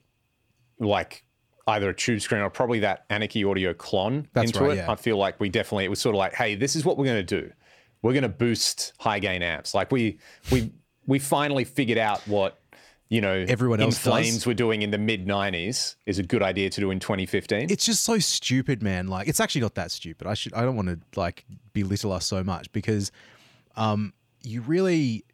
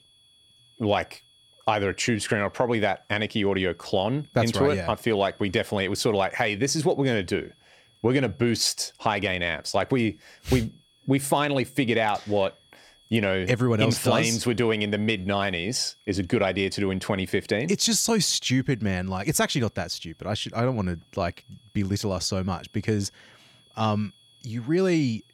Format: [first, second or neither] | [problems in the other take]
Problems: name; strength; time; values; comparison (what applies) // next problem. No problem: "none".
first | high-pitched whine; faint; throughout; 3.5 kHz, 30 dB below the speech